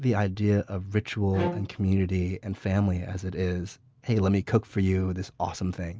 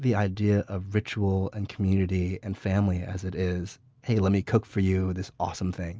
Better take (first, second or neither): second